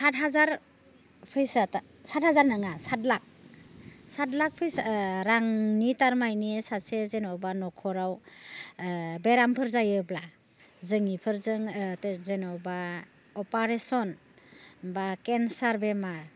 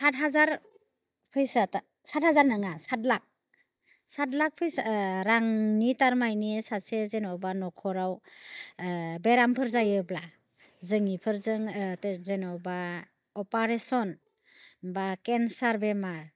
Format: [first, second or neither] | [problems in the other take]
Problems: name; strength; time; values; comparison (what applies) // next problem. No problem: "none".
first | noise reduction (neural mask model DeepFilterNet 3)